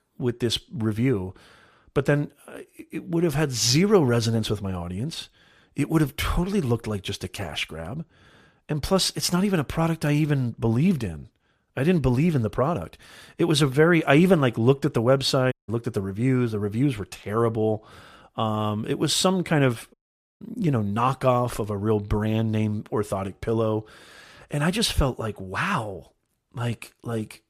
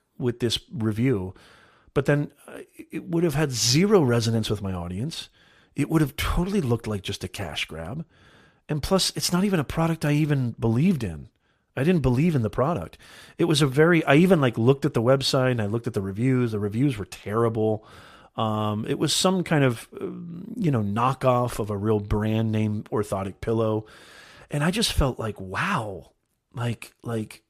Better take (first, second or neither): second